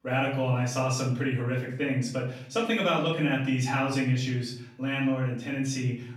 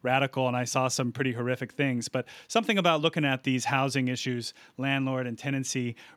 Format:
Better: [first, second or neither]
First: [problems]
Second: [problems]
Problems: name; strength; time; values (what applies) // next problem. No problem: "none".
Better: second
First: off-mic speech; far // room echo; noticeable; dies away in 0.6 s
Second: none